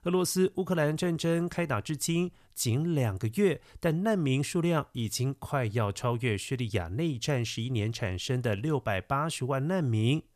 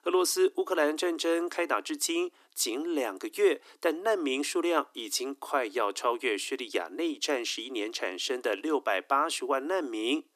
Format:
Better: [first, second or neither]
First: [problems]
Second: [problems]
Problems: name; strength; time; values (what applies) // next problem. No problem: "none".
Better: first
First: none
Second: thin; somewhat; fading below 300 Hz